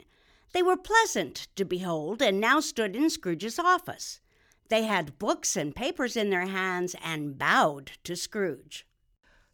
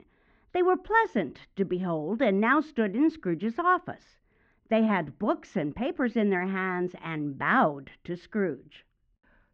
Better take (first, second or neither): first